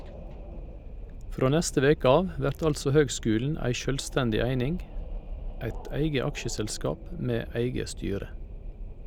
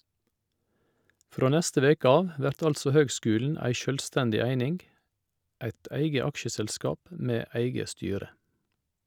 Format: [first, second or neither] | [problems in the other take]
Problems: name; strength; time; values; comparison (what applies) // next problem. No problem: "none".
second | background sound (Wind); 9 dB below the speech